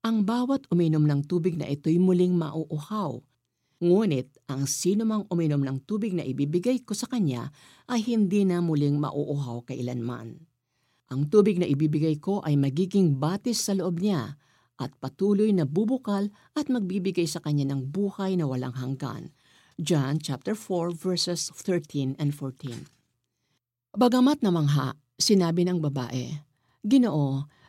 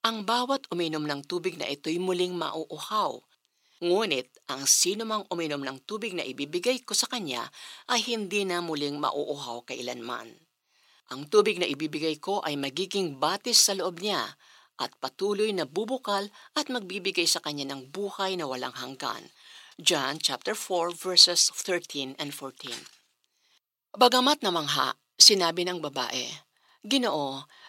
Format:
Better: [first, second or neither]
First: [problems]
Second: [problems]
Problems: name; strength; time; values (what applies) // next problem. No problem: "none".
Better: first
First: none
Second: thin; very; fading below 650 Hz